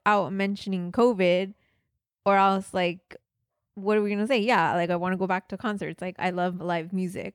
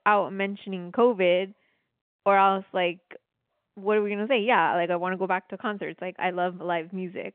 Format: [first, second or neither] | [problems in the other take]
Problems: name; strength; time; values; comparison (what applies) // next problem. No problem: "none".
first | phone-call audio